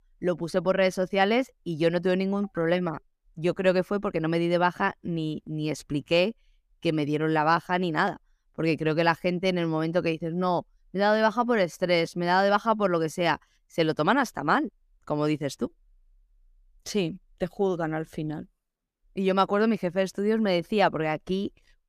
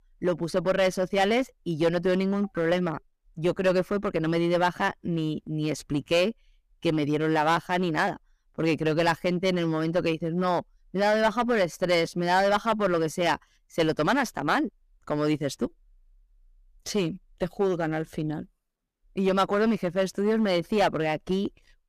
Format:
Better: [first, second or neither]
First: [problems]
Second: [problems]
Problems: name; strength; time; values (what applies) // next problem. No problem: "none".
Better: first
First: none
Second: distortion; slight; 6% of the sound clipped